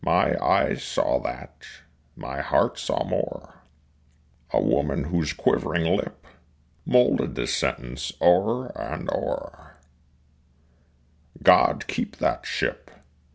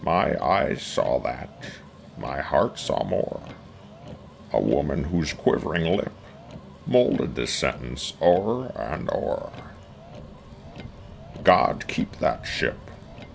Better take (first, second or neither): first